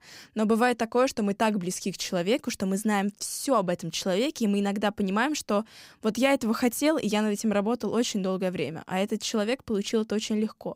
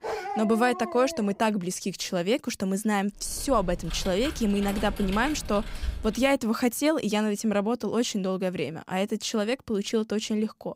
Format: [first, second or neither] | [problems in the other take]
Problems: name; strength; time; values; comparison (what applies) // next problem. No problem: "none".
first | dog barking; noticeable; until 1.5 s; peak 5 dB below the speech // keyboard typing; noticeable; from 3 to 6.5 s; peak 9 dB below the speech